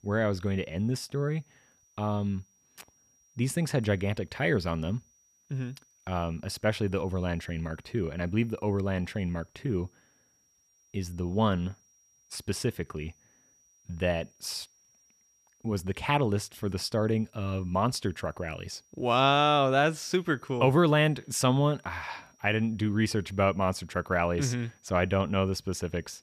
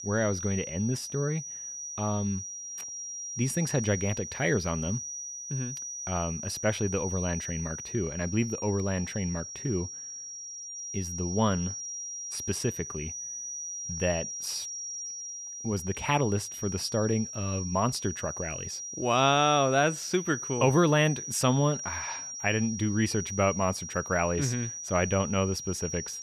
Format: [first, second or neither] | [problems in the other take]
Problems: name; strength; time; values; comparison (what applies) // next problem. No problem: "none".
first | high-pitched whine; loud; throughout; 6 kHz, 7 dB below the speech; faint in the first